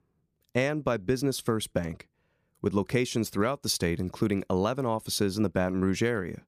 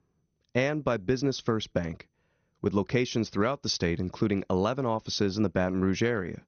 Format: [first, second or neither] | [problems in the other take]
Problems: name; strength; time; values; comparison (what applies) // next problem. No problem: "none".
first | garbled, watery; slightly; nothing above 6.5 kHz